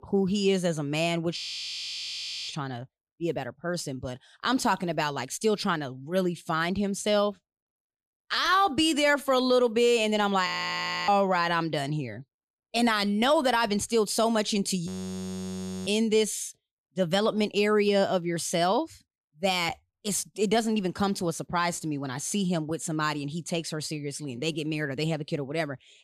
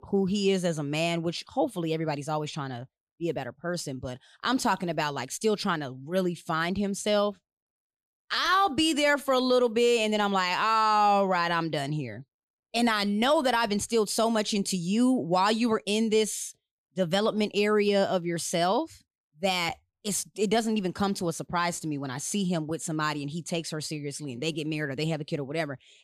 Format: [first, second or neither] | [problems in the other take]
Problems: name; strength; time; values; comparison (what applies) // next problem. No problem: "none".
second | audio freezing; at 1.5 s for 1 s, at 10 s for 0.5 s and at 15 s for 1 s